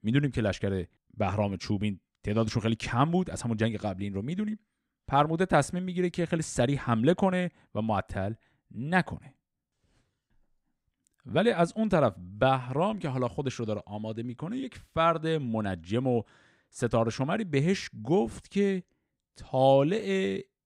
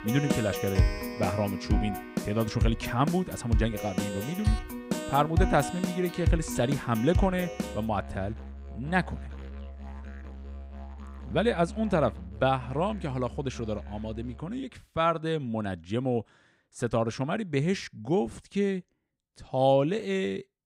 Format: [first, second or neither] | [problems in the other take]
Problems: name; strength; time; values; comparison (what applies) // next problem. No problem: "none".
first | background music; loud; until 15 s; 5 dB below the speech